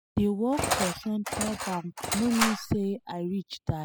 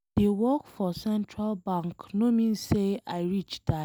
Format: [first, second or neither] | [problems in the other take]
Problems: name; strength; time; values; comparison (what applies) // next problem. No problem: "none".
second | noise reduction (classical method spectral subtraction)